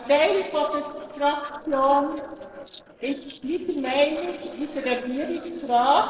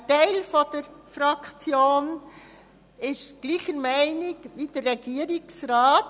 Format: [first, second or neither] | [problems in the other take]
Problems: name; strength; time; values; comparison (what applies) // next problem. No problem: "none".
second | noise reduction (neural separator model SepFormer DNS4)